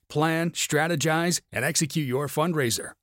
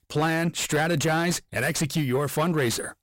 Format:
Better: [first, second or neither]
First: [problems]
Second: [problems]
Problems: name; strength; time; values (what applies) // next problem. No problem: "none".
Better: first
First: none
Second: distortion; slight; 9 dB below the speech